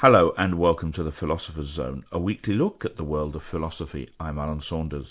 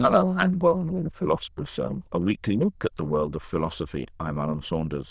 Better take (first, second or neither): first